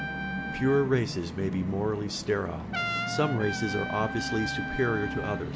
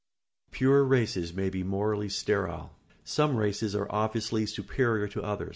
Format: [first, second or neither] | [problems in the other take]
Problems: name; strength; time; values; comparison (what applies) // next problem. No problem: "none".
second | background sound (Musical instrument + Trumpet); 4 dB below the speech